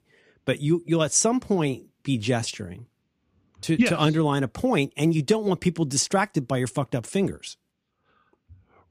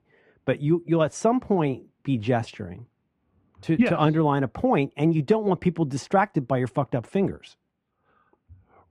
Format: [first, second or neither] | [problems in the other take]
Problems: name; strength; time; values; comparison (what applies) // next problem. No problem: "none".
first | muffled; very; fading above 3.5 kHz